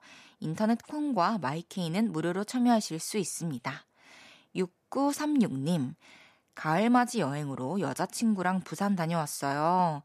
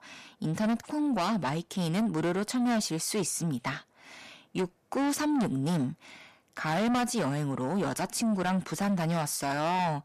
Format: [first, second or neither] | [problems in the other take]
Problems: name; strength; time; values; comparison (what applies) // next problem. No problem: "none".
first | distortion; heavy; 7 dB below the speech